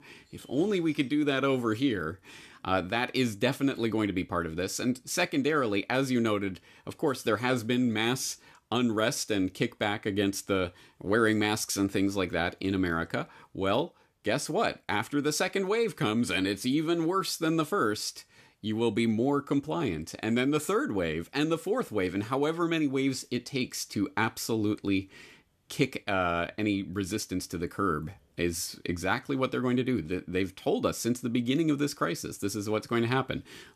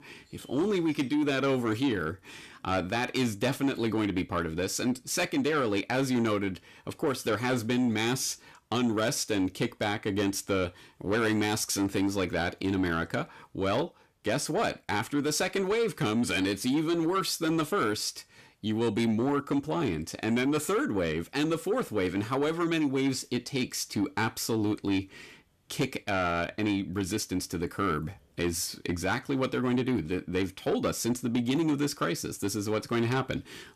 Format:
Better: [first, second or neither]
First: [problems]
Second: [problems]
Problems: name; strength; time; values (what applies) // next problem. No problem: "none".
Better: first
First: none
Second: distortion; slight; 10 dB below the speech